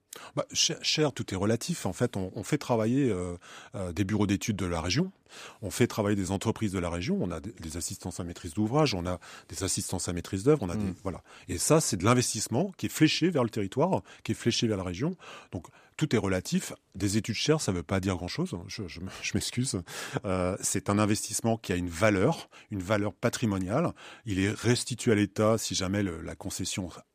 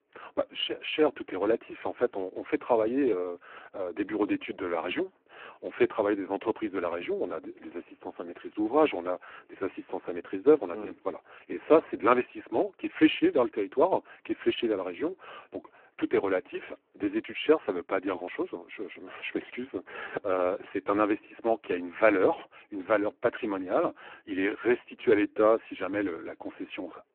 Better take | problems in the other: first | phone-call audio; poor line

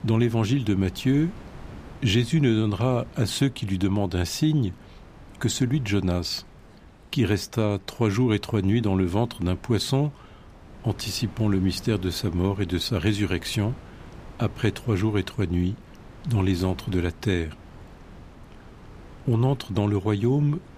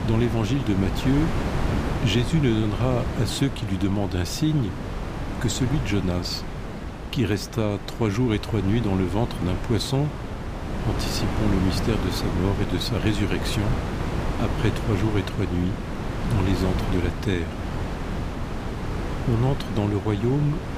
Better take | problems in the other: first | wind noise on the microphone; heavy; 4 dB below the speech; occasional gusts in the first

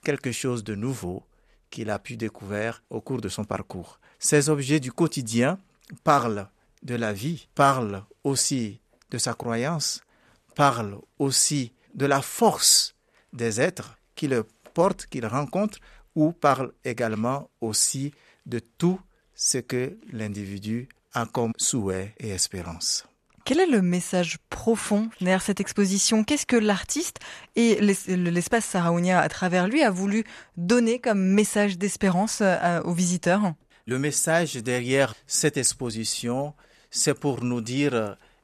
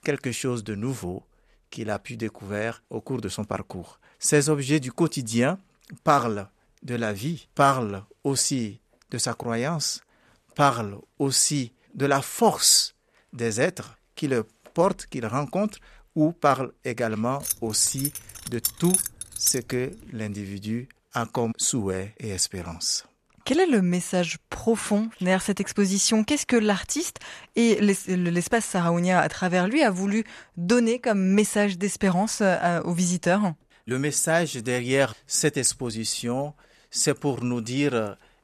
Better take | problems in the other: first | jangling keys; loud; from 17 to 20 s; peak 2 dB above the speech

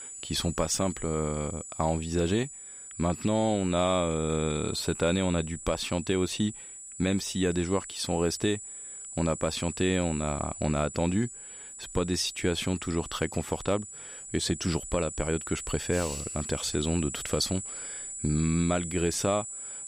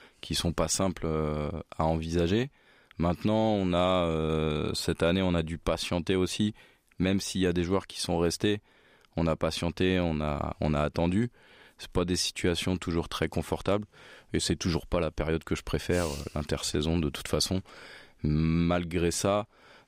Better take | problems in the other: second | high-pitched whine; loud; throughout; 8 kHz, 9 dB below the speech

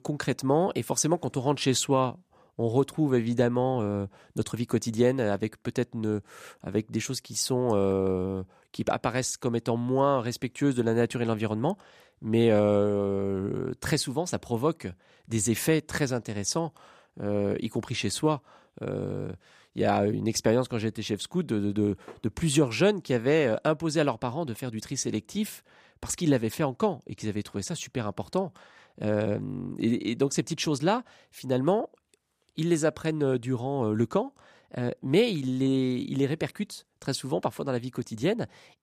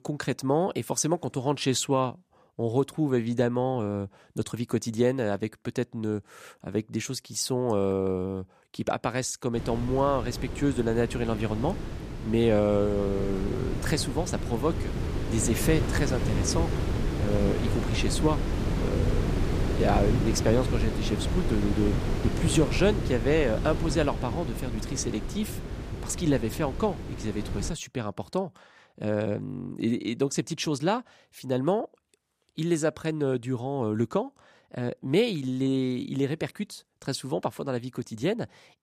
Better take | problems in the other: first | wind noise on the microphone; heavy; from 9.5 to 28 s; 7 dB below the speech

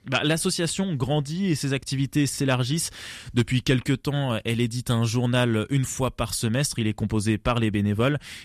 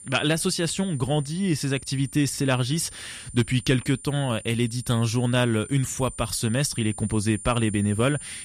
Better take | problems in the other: first | high-pitched whine; noticeable; throughout; 9 kHz, 15 dB below the speech

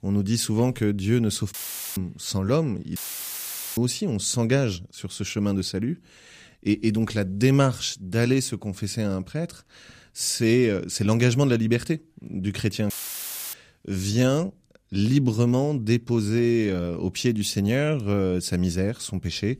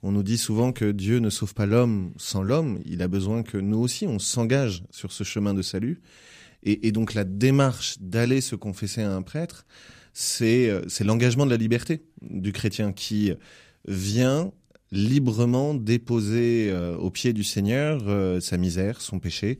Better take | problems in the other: second | audio cutting out; filled with static; at 1.5 s, at 3 s for 1 s and at 13 s for 0.5 s

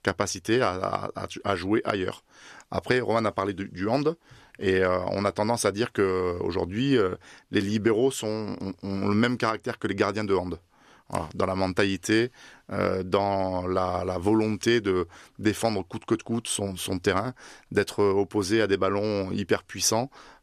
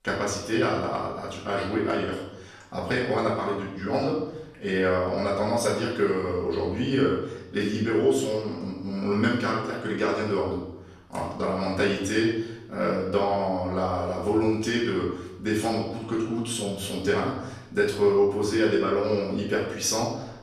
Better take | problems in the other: first | off-mic speech; far // room echo; noticeable; dies away in 0.8 s

